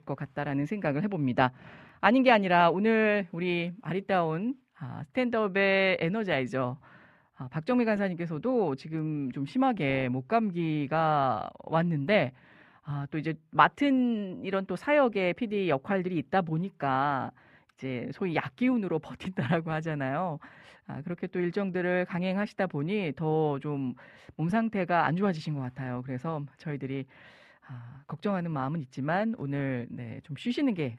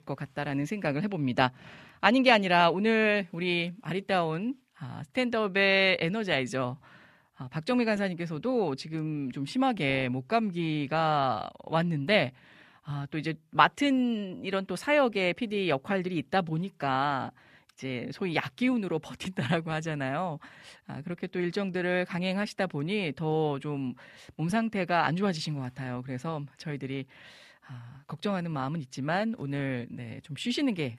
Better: second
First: muffled; slightly; fading above 3 kHz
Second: none

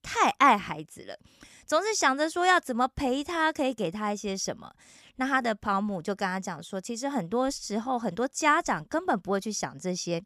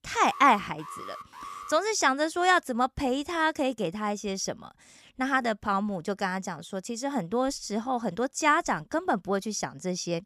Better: first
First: none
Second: alarm; faint; until 2 s; peak 15 dB below the speech

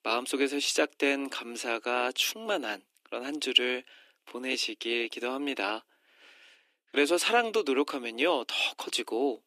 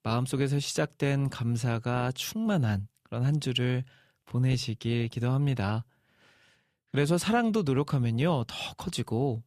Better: second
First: thin; somewhat; fading below 300 Hz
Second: none

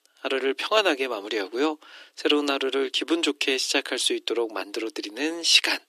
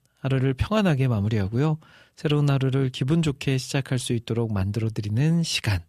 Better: second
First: thin; very; fading below 300 Hz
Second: none

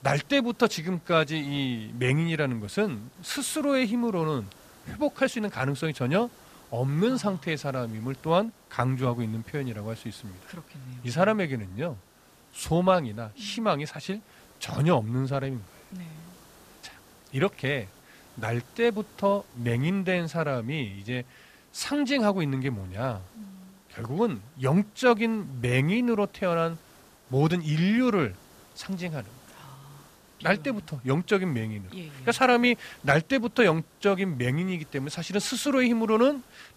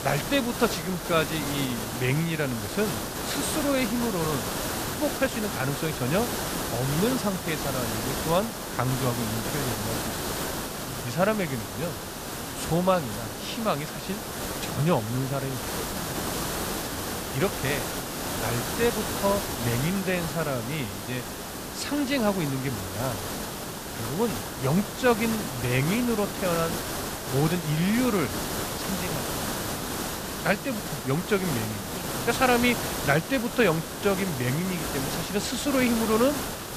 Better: first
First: hiss; faint; throughout; 25 dB below the speech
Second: hiss; loud; throughout; 3 dB below the speech

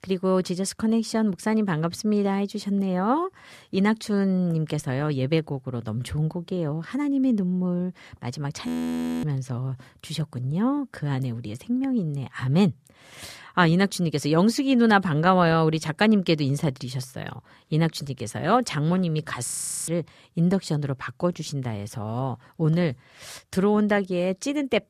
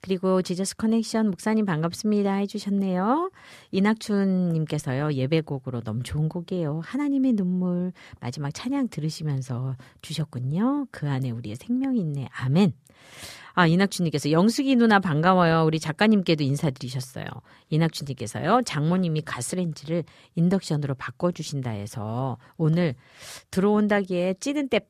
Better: second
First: audio freezing; at 8.5 s for 0.5 s and at 19 s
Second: none

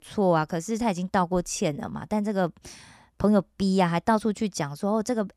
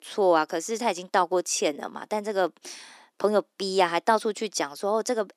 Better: first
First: none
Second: thin; somewhat; fading below 300 Hz

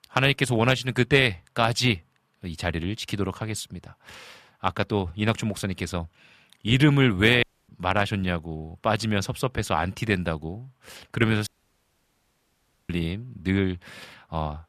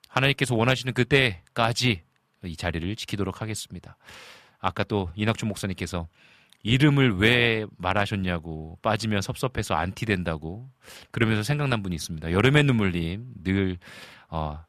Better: second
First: audio cutting out; at 7.5 s and at 11 s for 1.5 s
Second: none

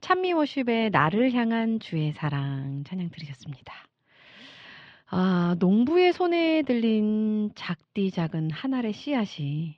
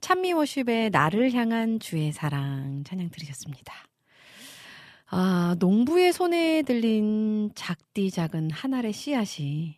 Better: second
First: muffled; very slightly; fading above 4 kHz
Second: none

